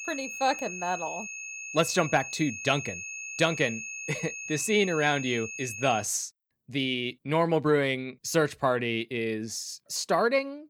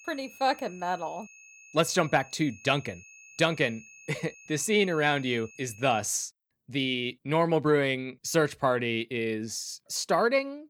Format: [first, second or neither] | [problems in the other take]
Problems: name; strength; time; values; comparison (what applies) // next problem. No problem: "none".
second | high-pitched whine; loud; until 6 s; 2.5 kHz, 8 dB below the speech; faint in the second